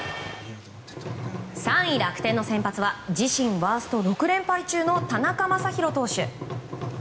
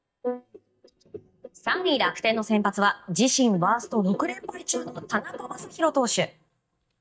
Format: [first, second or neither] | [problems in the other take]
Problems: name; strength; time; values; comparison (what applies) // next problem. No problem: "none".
first | noise reduction (neural mask model DeepFilterNet 3)